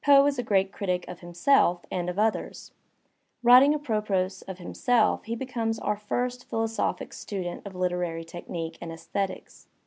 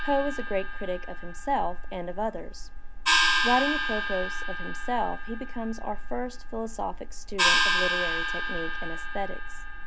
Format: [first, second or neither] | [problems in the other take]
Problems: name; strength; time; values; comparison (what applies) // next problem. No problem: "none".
first | background sound (Gong); 4 dB above the speech